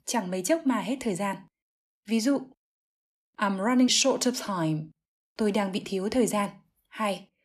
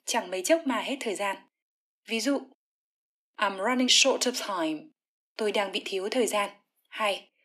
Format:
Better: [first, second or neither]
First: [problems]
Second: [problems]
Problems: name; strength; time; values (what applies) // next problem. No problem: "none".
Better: first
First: none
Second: thin; very slightly; fading below 300 Hz